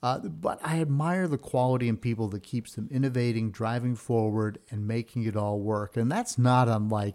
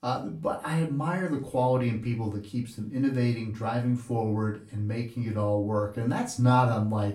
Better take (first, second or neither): first